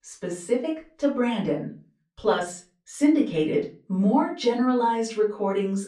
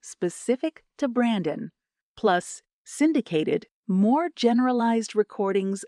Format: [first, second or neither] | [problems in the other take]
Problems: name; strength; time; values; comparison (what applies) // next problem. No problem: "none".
second | off-mic speech; far // room echo; slight; dies away in 0.3 s